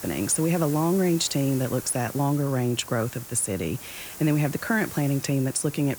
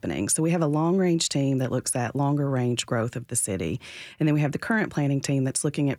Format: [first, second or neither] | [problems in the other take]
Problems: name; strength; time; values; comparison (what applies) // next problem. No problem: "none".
second | hiss; noticeable; throughout; 10 dB below the speech